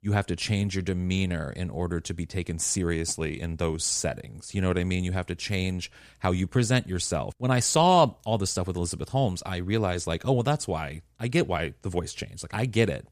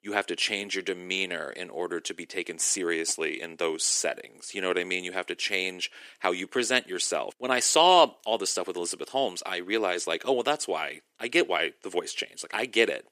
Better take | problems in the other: first | thin; very; fading below 350 Hz

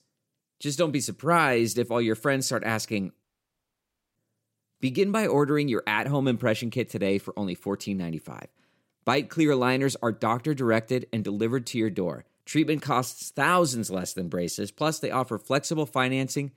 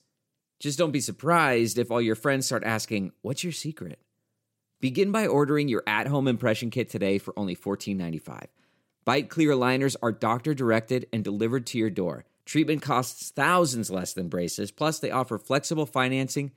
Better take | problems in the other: second | audio cutting out; at 3 s for 1 s

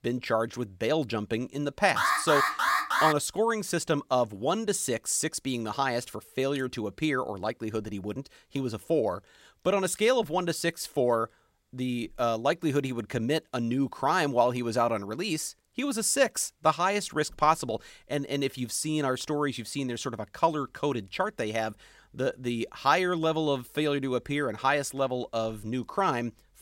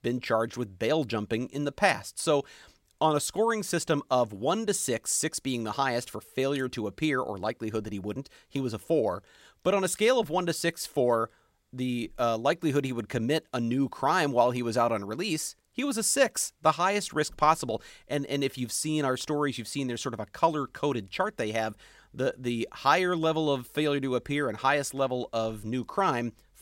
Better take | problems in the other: second | alarm; loud; from 2 to 3 s; peak 4 dB above the speech

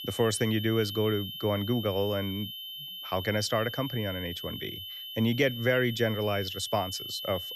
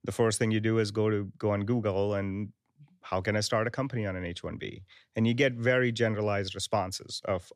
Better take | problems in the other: second | high-pitched whine; loud; throughout; 3 kHz, 8 dB below the speech

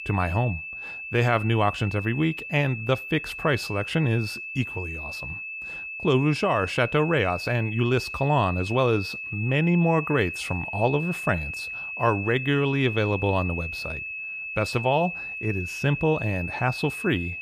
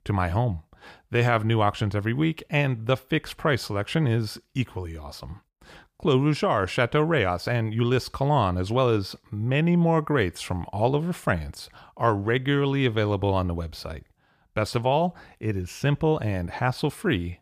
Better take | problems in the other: second | high-pitched whine; loud; throughout; 2.5 kHz, 7 dB below the speech

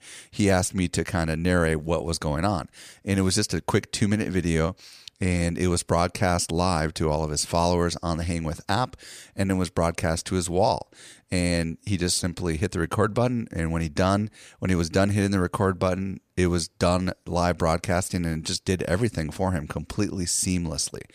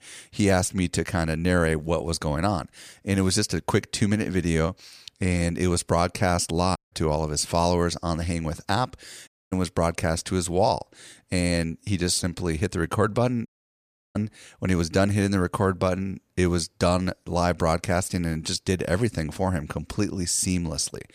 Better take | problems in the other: first | audio cutting out; at 7 s, at 9.5 s and at 13 s for 0.5 s

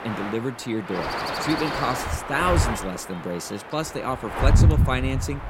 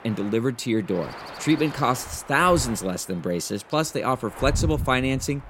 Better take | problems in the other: second | wind noise on the microphone; heavy; 1 dB below the speech; occasional gusts in the second

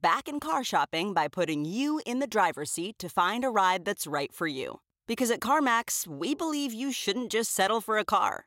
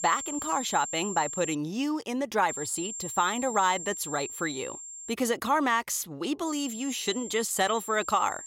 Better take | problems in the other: first | high-pitched whine; loud; until 1.5 s, from 2.5 to 5 s and from 6.5 s on; 7.5 kHz, 8 dB below the speech

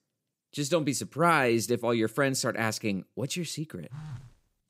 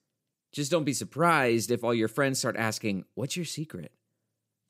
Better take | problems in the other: second | phone ringing; faint; at 4 s; peak 15 dB below the speech

